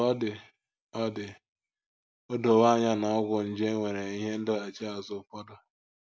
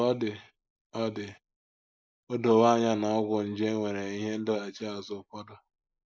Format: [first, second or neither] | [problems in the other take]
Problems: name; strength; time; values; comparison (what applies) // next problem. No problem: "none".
first | noise reduction (neural mask model Resemble Enhance denoiser)